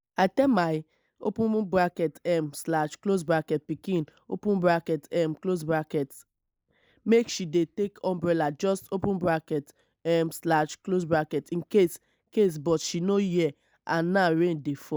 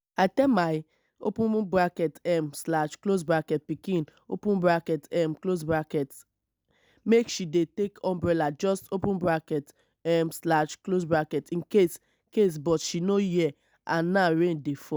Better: second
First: noise reduction (neural mask model Resemble Enhance denoiser)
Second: none

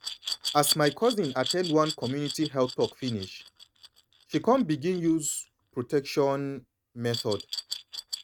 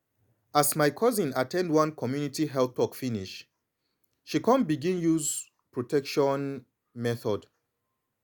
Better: second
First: noise reduction (neural mask model RNNoise)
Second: none

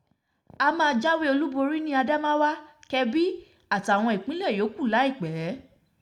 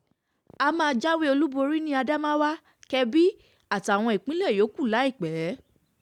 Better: second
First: room echo; dies away in 0.5 s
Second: none

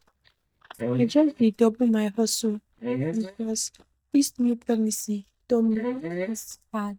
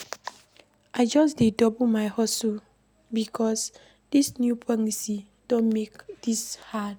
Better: second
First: noise reduction (neural mask model DeepFilterNet 3)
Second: none

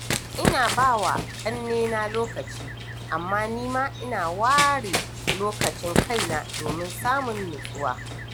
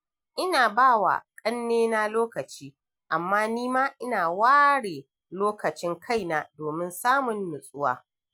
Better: second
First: background sound (Run); 3 dB below the speech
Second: none

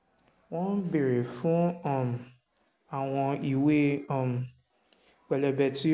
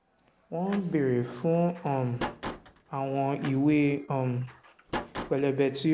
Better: first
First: none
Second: background sound (Slam); 13 dB below the speech

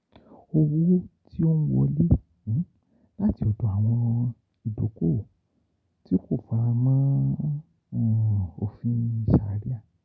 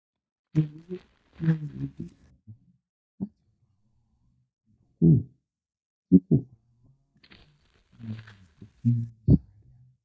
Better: first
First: none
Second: noise reduction (neural mask model DeepFilterNet 3)

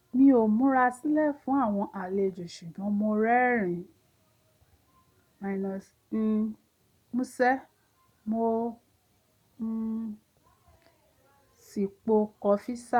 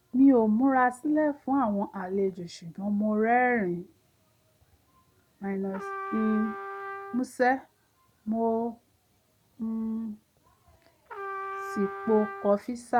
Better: first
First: none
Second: background sound (Trumpet); 11 dB below the speech

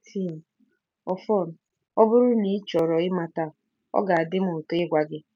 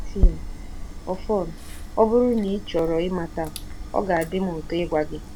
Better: first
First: none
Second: background sound (Chewing, mastication); 3 dB below the speech

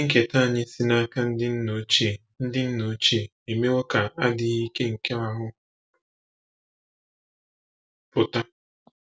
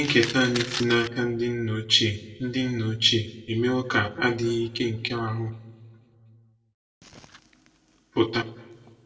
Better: first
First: none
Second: background sound (Fire); 15 dB below the speech // room echo; dies away in 1 s

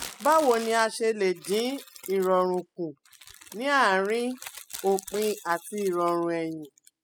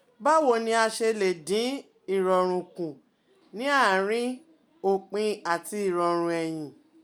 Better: second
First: noise reduction (classical method spectral subtraction)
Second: none

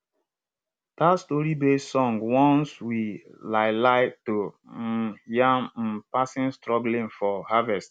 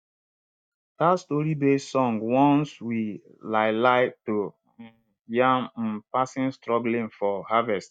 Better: first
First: none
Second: noise reduction (neural mask model DeepFilterNet 3)

